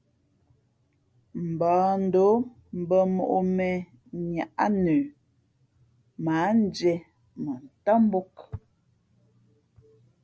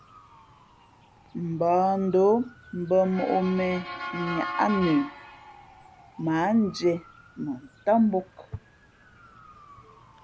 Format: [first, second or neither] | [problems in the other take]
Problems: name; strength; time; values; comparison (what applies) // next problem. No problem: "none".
first | background sound (Motor vehicle (road) / Siren); 14 dB below the speech